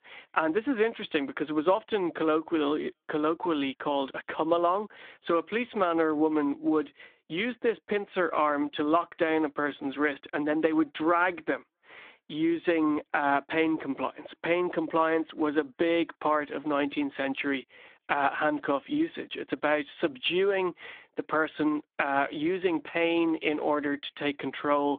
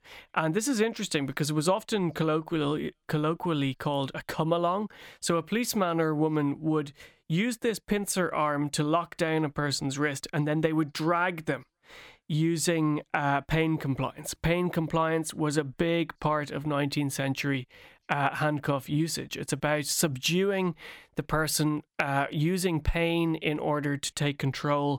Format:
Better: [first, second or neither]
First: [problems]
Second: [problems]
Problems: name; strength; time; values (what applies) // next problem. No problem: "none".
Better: second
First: phone-call audio; nothing above 3.5 kHz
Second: none